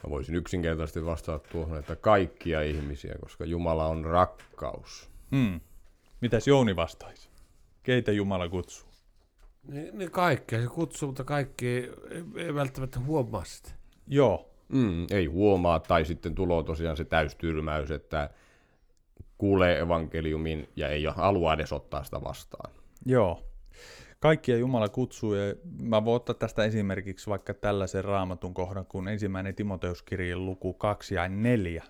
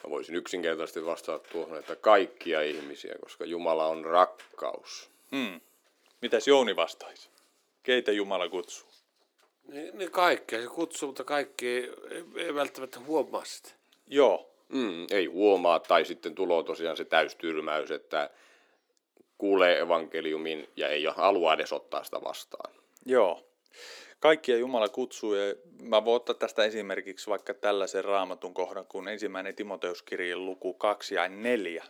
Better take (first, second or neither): first